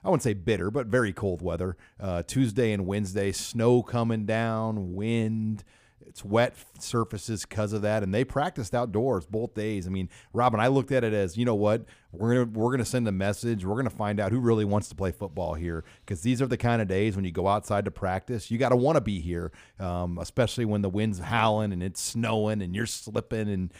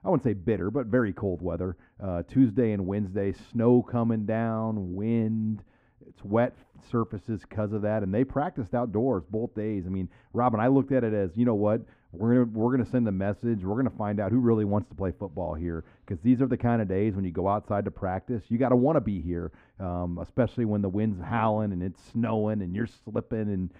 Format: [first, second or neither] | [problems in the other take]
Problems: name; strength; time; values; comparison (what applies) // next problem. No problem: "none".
first | muffled; very; fading above 3.5 kHz